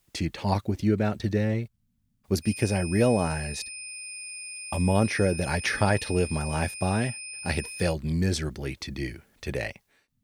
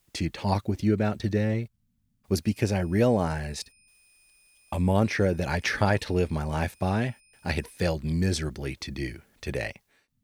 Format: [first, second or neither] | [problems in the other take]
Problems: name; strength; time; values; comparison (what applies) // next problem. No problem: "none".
second | high-pitched whine; loud; from 2.5 to 8 s; 2.5 kHz, 9 dB below the speech; faint in the second